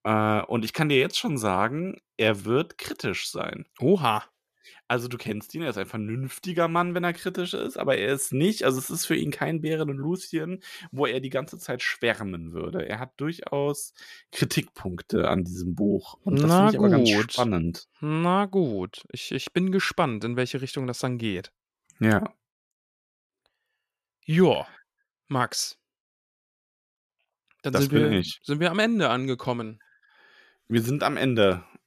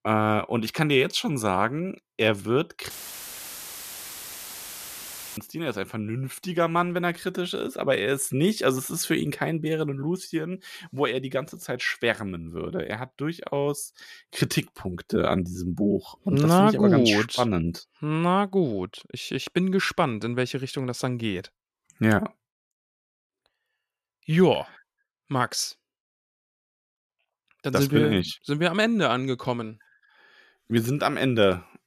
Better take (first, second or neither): first